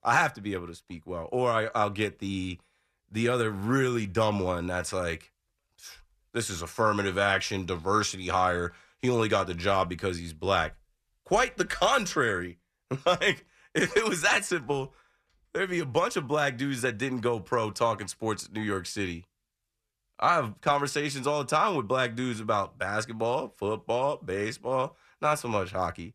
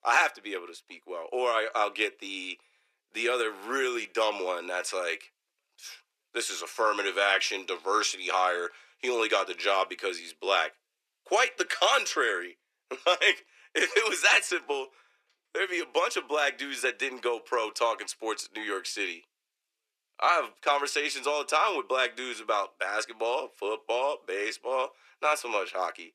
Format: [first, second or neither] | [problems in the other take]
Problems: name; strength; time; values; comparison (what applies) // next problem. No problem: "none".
first | thin; very; fading below 350 Hz